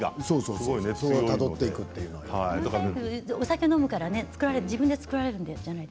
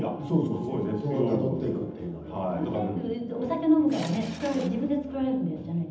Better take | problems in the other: first | background sound (Subway, metro, underground / Engine); 16 dB below the speech // room echo; dies away in 0.8 s

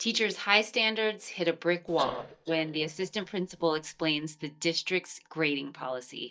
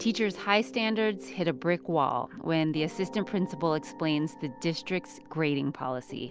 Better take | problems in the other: second | noise reduction (neural mask model DeepFilterNet 3)

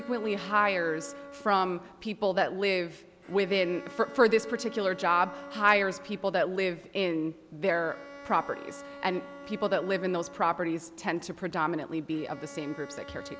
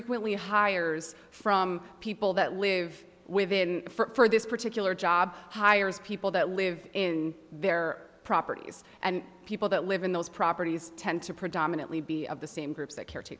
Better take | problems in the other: second | background sound (Bowed string instrument); 17 dB below the speech

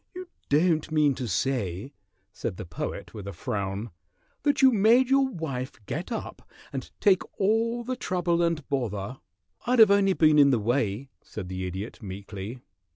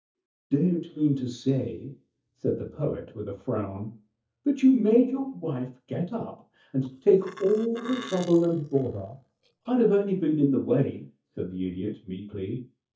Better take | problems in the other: first | noise reduction (neural mask model DeepFilterNet 3)

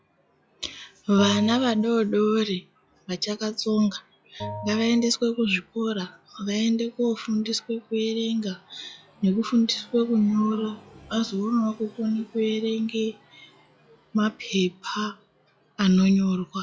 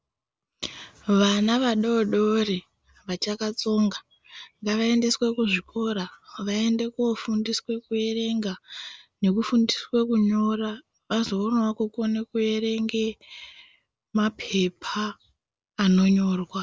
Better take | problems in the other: second | noise reduction (classical method log-MMSE)

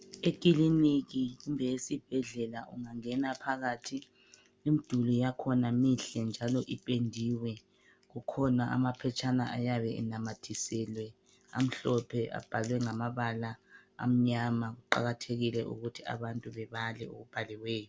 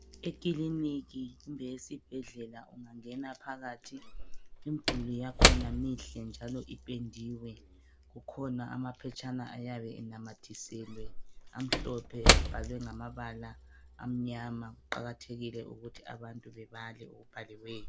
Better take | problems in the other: first | background sound (Slam / Wood); 5 dB above the speech

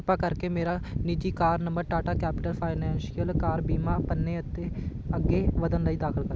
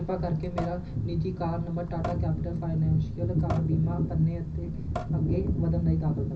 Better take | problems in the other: first | background sound (Drip / Sink (filling or washing) / Water tap, faucet); 13 dB below the speech // room echo; dies away in 0.4 s

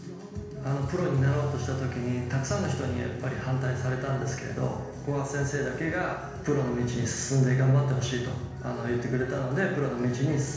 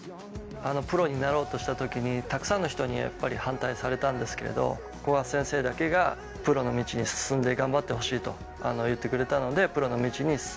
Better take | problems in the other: second | room echo; dies away in 1.1 s

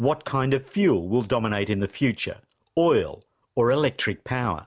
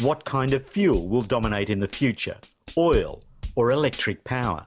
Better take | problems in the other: first | background sound (Tambourine / Drum / Drum kit); 13 dB below the speech

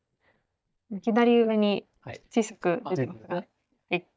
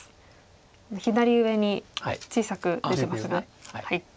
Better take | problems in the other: second | noise reduction (neural mask model DeepFilterNet 3)

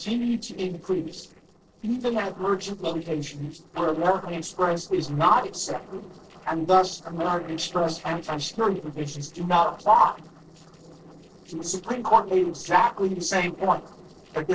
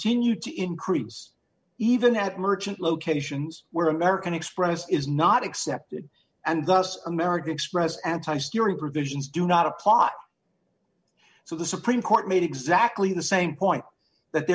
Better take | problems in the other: second | noise reduction (neural separator model SepFormer DNS4)

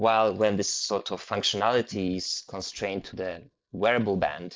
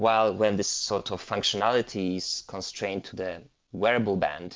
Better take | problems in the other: second | noise reduction (neural mask model Resemble Enhance denoiser)

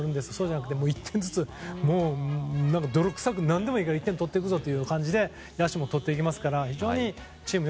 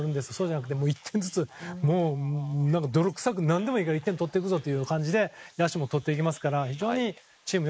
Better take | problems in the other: first | noise reduction (neural mask model Resemble Enhance denoiser)

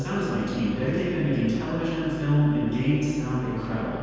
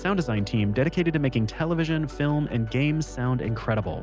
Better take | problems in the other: second | room echo; dies away in 2.1 s

